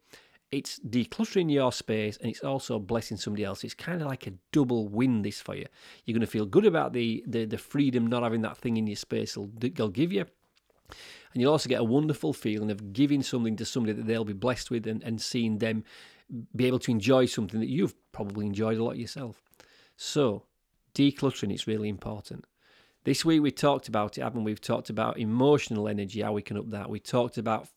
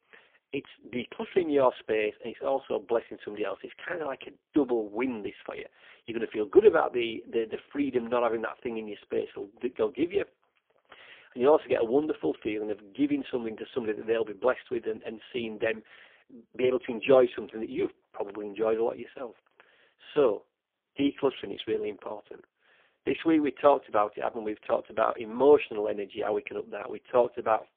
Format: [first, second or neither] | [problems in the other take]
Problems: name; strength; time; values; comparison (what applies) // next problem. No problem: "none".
first | phone-call audio; poor line